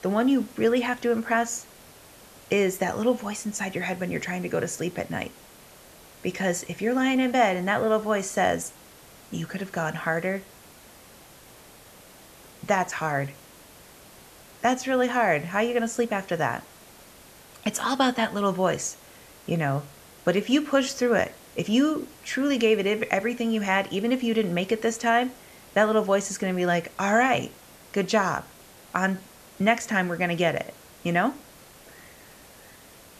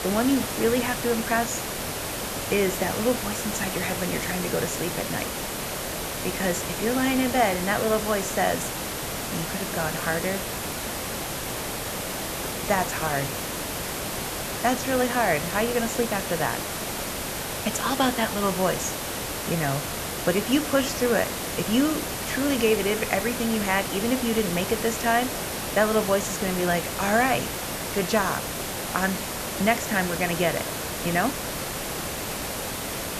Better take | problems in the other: first | hiss; loud; throughout; 3 dB below the speech; faint in the first

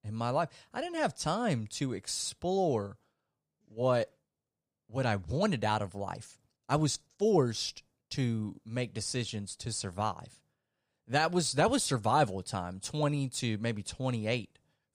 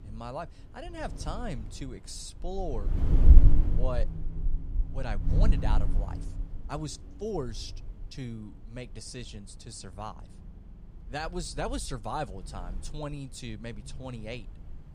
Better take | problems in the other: first | wind noise on the microphone; heavy; 7 dB below the speech

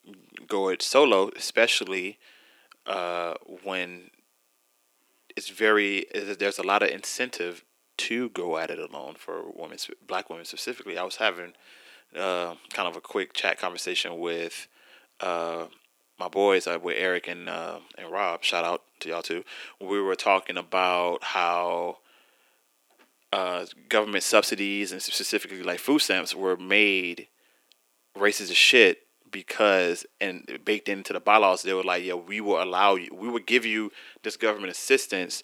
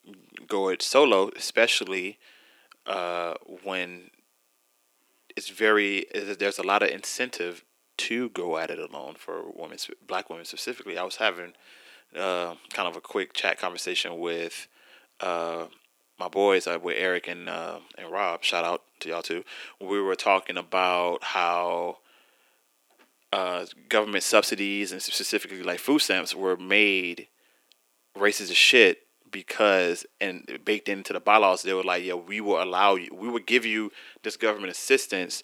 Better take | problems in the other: neither | thin; somewhat; fading below 300 Hz; the same in both

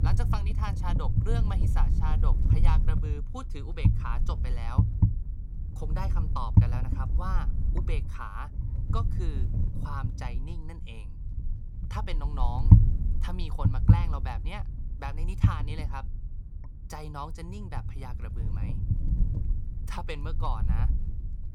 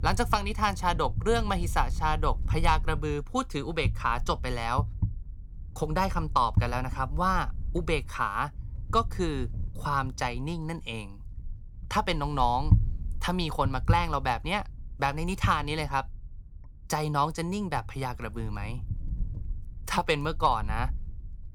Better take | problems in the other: second | wind noise on the microphone; heavy; 2 dB below the speech; occasional gusts in the second

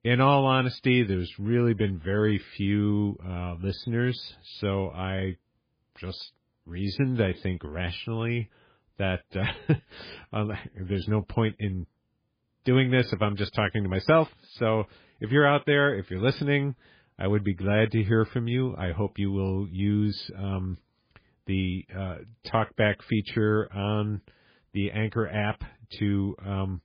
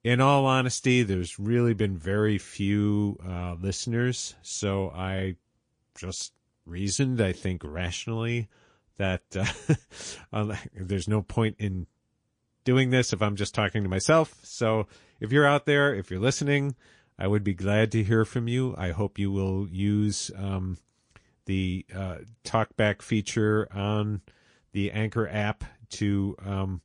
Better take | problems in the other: second | garbled, watery; badly; nothing above 5 kHz; slightly in the second

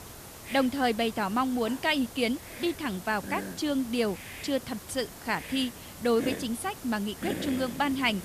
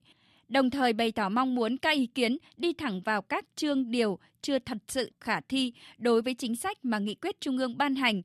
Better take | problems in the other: second | hiss; noticeable; throughout; 10 dB below the speech

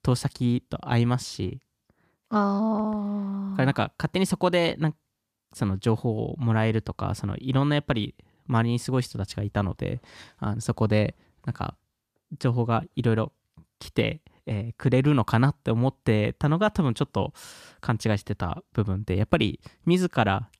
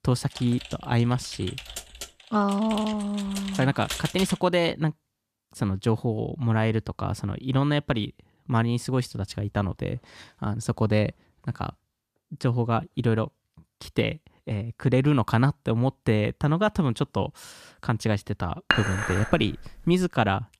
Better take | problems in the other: first | keyboard typing; noticeable; until 4.5 s; peak 5 dB below the speech // clattering dishes; loud; at 19 s; peak 2 dB above the speech

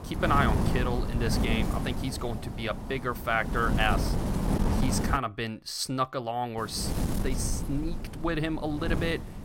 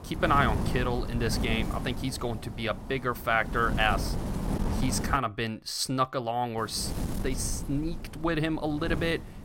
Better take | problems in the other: second | wind noise on the microphone; heavy; until 5 s and from 6.5 s on; 7 dB below the speech; occasional gusts in the second

